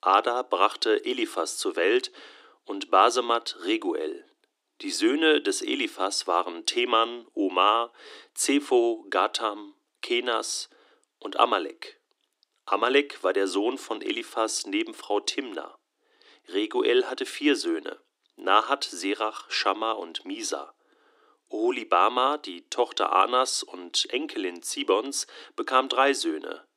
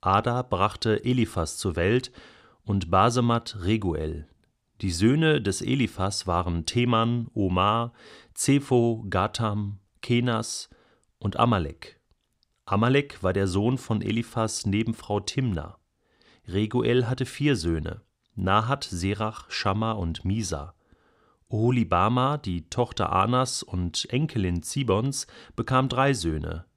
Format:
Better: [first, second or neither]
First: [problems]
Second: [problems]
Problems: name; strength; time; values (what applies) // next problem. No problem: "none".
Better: second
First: thin; somewhat; fading below 300 Hz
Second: none